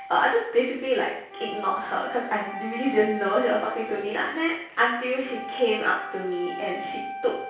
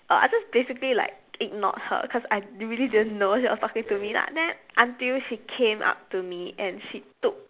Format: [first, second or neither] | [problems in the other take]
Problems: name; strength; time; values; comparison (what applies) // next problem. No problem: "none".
second | background sound (Wind instrument, woodwind instrument); 11 dB below the speech // room echo; dies away in 0.6 s